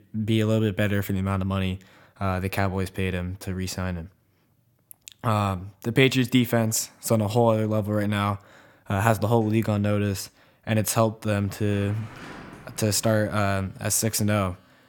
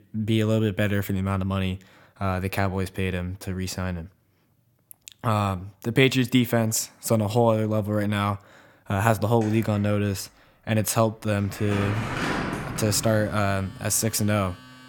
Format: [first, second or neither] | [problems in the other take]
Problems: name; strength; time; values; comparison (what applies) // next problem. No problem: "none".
first | household noises; loud; from 9 s on; 9 dB below the speech; faint in the first